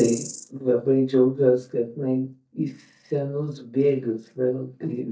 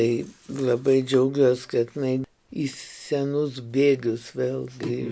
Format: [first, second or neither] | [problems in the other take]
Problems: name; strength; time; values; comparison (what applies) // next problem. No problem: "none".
second | noise reduction (neural mask model DeepFilterNet 3)